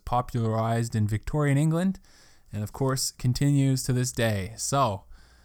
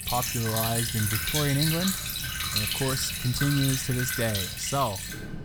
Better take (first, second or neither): first